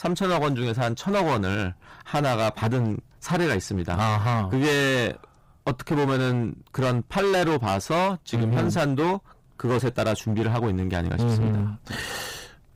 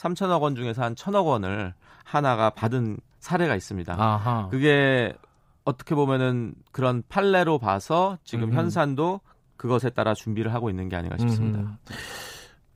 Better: second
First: distortion; heavy; 20% of the sound clipped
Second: none

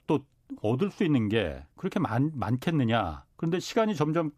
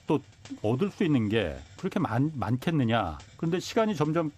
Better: first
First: none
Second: hiss; faint; throughout; 25 dB below the speech

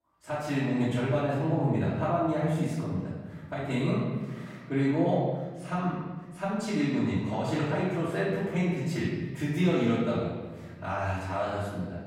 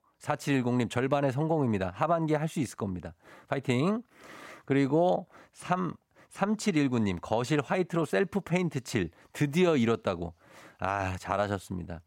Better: second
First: room echo; strong; dies away in 1.6 s // off-mic speech; far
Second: none

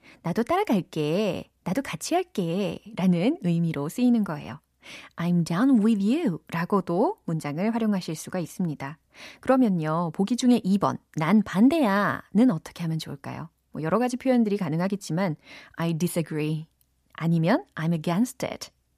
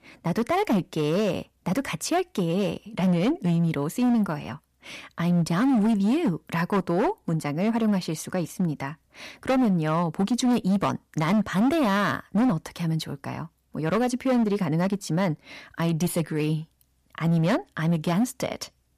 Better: first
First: none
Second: distortion; slight; 11% of the sound clipped

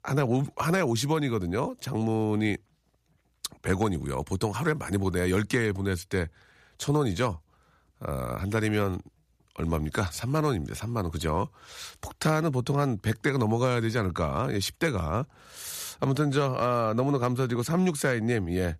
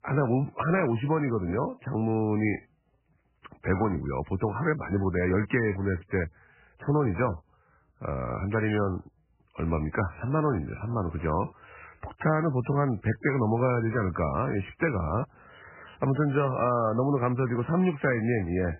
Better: first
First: none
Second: garbled, watery; badly; nothing above 2.5 kHz

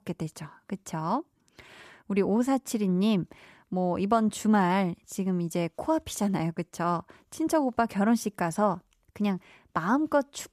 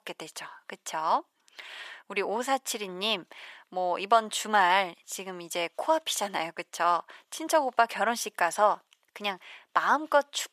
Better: first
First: none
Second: thin; very; fading below 700 Hz

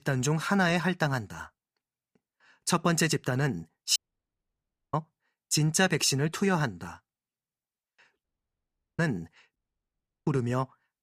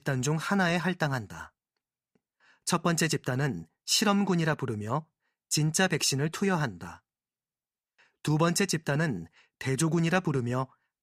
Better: second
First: audio cutting out; at 4 s for 1 s, at 8 s for 1 s and at 9.5 s for 0.5 s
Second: none

